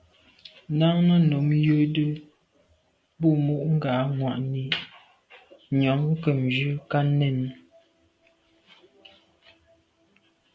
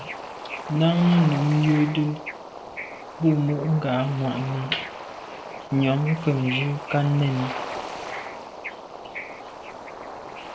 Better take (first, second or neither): first